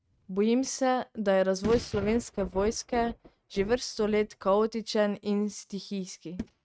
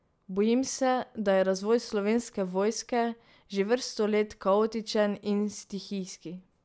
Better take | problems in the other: second | noise reduction (neural mask model RNNoise)

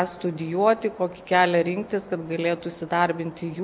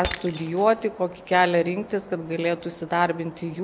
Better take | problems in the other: first | background sound (Shatter); 17 dB below the speech

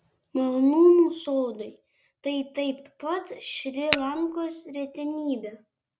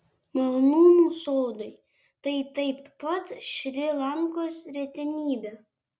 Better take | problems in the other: second | background sound (Tap / Glass); 6 dB below the speech

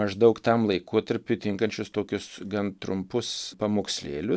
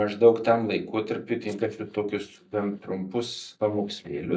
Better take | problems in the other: first | noise reduction (neural mask model DeepFilterNet 3)

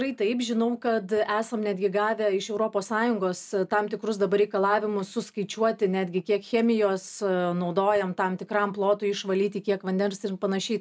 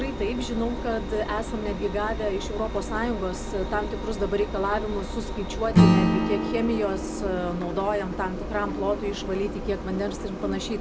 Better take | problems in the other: first | background sound (Engine + Acoustic guitar / Strum); 1 dB above the speech

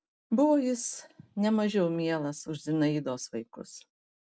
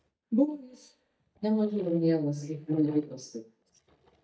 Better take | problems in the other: first | noise reduction (neural mask model DeepFilterNet 3)

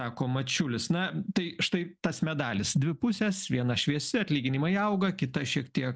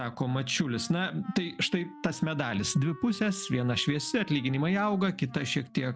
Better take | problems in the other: first | background sound (Wind instrument, woodwind instrument); 19 dB below the speech

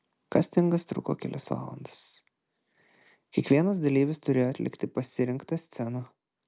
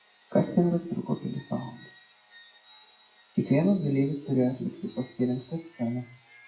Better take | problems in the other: first | noise reduction (classical method WPE with log-MMSE)

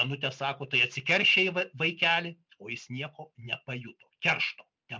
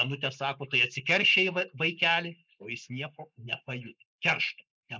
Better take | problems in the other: first | noise reduction (neural mask model Resemble Enhance denoiser)

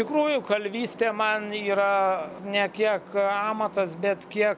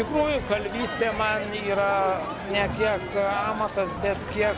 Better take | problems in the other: first | background sound (Crowd); 6 dB below the speech

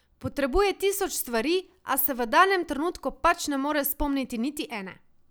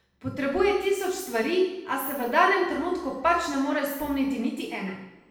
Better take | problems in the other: first | room echo; dies away in 0.9 s

